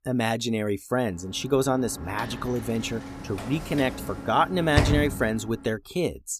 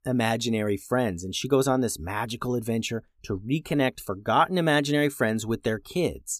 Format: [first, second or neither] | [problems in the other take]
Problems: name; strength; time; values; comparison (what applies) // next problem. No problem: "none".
second | door banging; loud; from 2 to 5 s; peak 3 dB above the speech